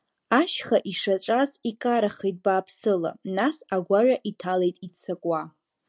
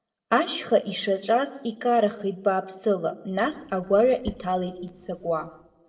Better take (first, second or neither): first